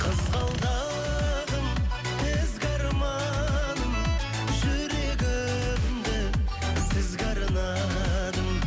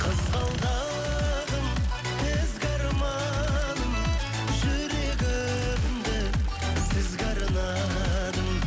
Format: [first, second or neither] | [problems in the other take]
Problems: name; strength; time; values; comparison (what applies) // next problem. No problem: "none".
first | background sound (Water tap, faucet / Liquid); 19 dB below the speech